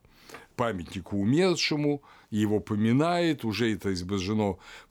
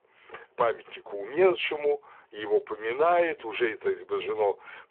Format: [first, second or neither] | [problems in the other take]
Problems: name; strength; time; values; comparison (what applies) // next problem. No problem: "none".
first | phone-call audio; poor line